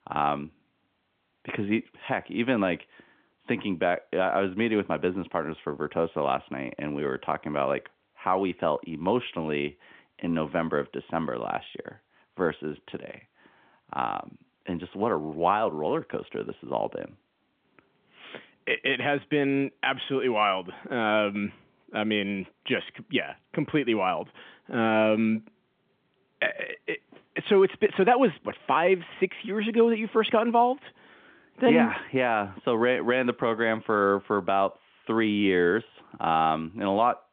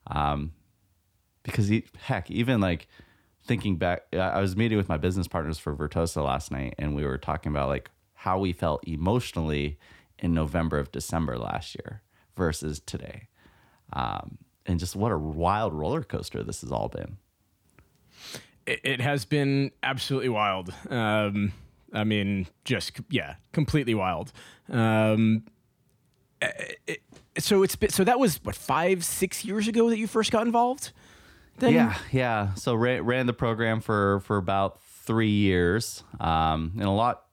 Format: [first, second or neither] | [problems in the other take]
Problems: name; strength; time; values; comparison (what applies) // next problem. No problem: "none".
second | phone-call audio; nothing above 3.5 kHz